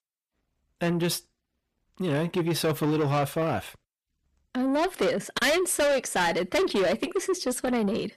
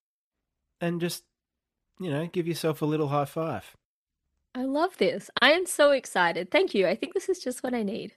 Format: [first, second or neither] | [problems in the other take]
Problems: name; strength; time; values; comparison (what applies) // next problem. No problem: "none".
second | distortion; heavy; 6 dB below the speech